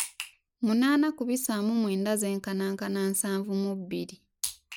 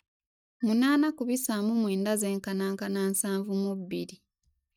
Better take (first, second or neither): first